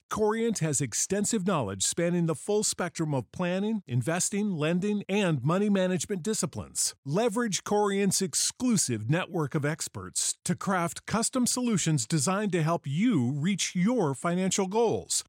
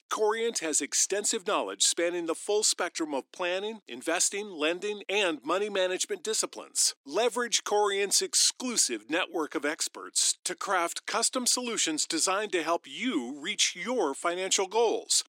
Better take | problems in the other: first | thin; somewhat; fading below 300 Hz

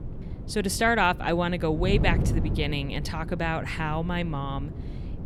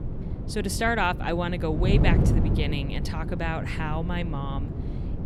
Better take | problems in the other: first | wind noise on the microphone; heavy; 8 dB below the speech; occasional gusts in the first

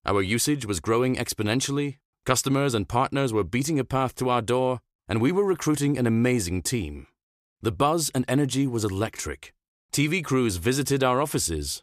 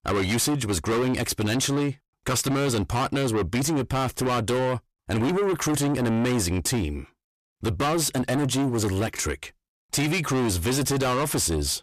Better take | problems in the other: first | distortion; heavy; 6 dB below the speech

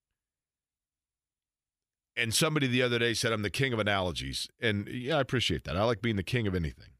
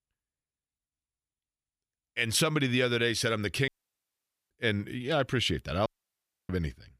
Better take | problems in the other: first | audio cutting out; at 3.5 s for 1 s and at 6 s for 0.5 s

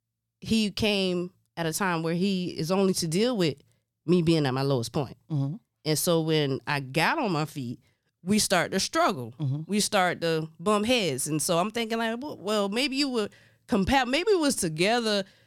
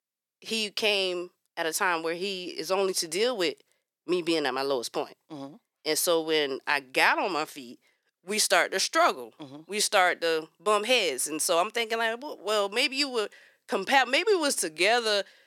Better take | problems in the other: first | thin; somewhat; fading below 350 Hz

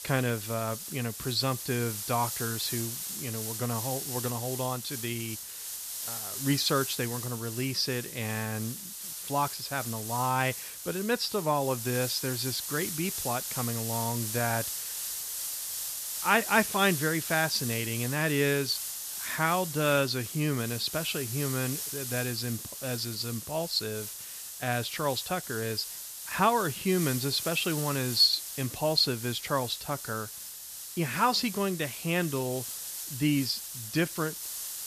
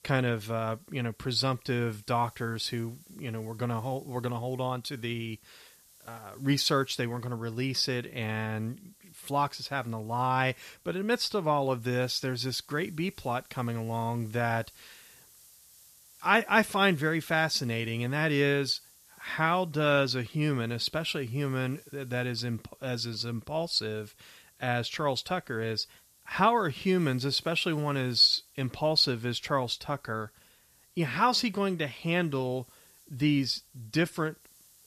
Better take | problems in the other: second | hiss; loud; throughout; 5 dB below the speech; faint in the second

